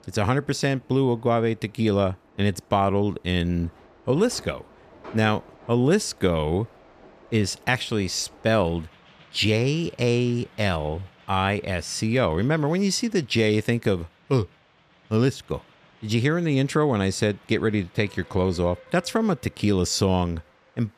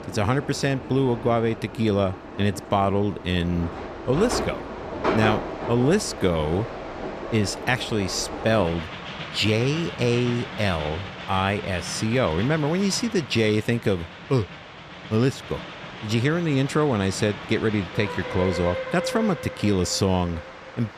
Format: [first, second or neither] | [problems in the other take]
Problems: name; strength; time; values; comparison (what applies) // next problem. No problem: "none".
first | train or aircraft noise; loud; throughout; 9 dB below the speech; faint in the first